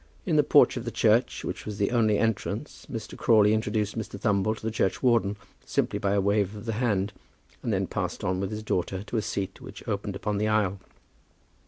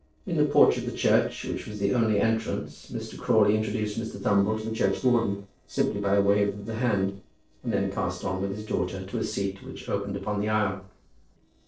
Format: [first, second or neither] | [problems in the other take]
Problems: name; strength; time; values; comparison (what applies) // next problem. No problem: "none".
first | noise reduction (neural separator model SepFormer DNS4)